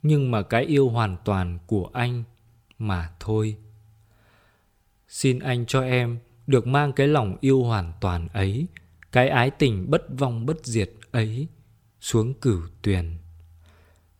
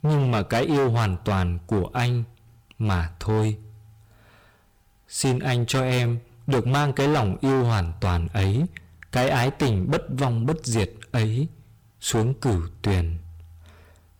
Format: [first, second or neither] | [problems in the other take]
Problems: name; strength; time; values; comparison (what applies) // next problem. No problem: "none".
first | distortion; heavy; 16% of the sound clipped